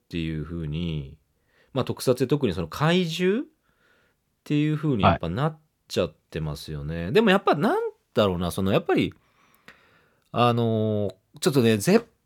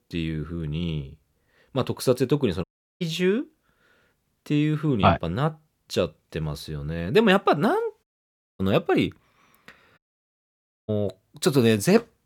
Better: first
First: none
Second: audio cutting out; at 2.5 s, at 8 s for 0.5 s and at 10 s for 1 s

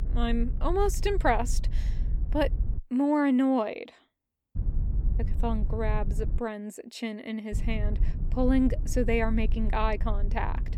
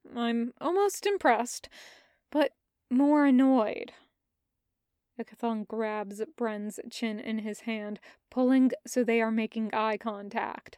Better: second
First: low rumble; noticeable; until 3 s, from 4.5 to 6.5 s and from 7.5 s on; 20 dB below the speech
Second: none

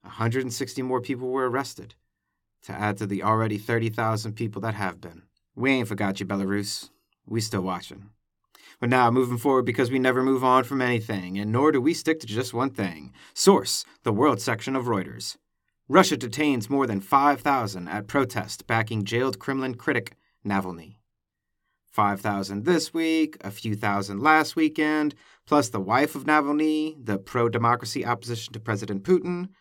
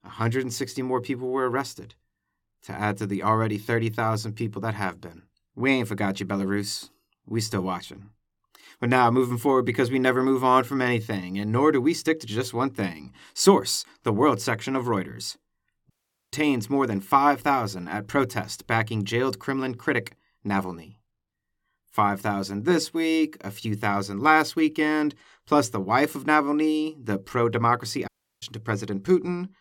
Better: first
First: none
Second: audio cutting out; at 16 s and at 28 s

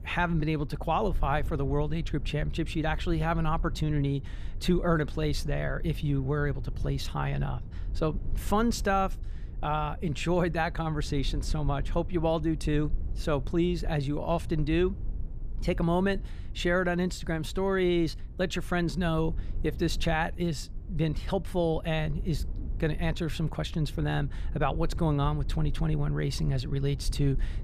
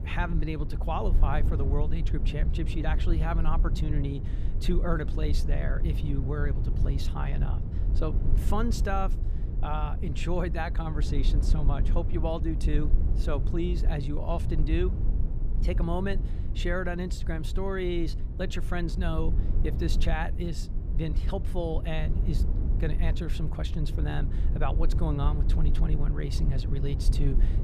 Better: first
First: low rumble; faint; throughout; 25 dB below the speech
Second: low rumble; loud; throughout; 10 dB below the speech

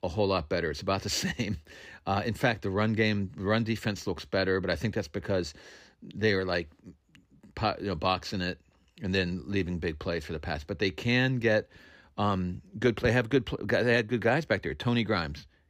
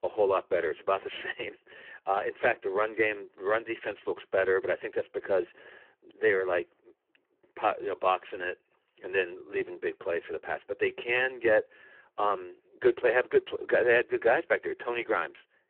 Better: first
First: none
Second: phone-call audio; poor line

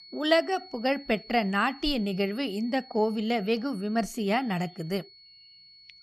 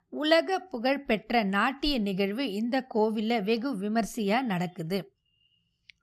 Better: second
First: high-pitched whine; faint; throughout; 4.5 kHz, 20 dB below the speech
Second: none

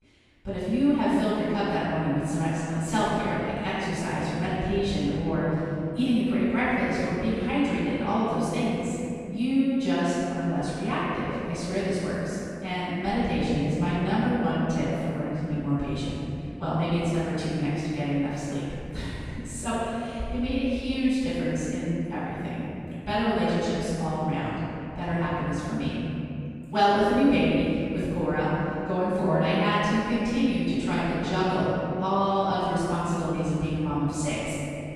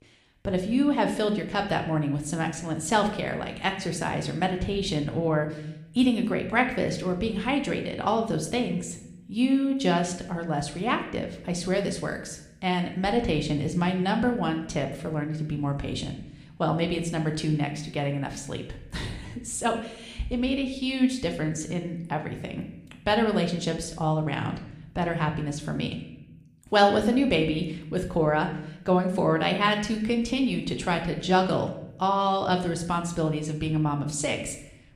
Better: second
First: room echo; strong; dies away in 2.8 s // off-mic speech; far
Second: room echo; slight; dies away in 0.7 s

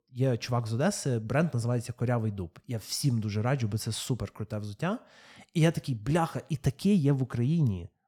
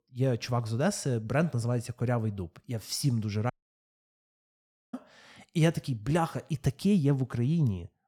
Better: first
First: none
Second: audio cutting out; at 3.5 s for 1.5 s

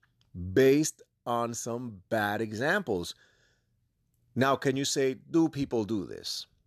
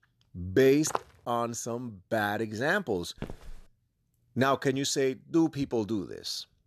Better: first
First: none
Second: footsteps; noticeable; at 1 s; peak 8 dB below the speech // footsteps; faint; at 3 s; peak 15 dB below the speech

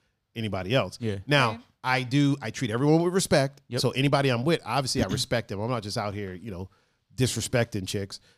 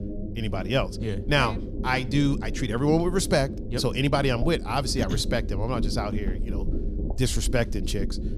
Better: first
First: none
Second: low rumble; noticeable; throughout; 15 dB below the speech

